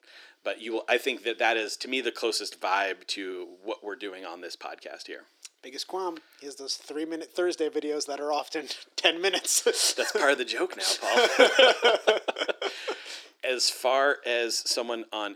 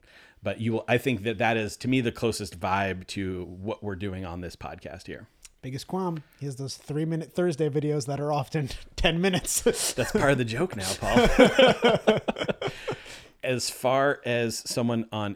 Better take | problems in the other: second | thin; somewhat; fading below 300 Hz

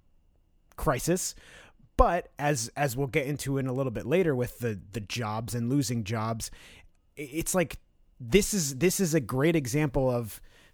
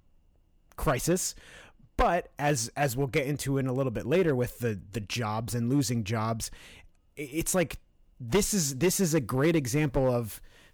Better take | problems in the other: first | distortion; slight; 2% of the sound clipped

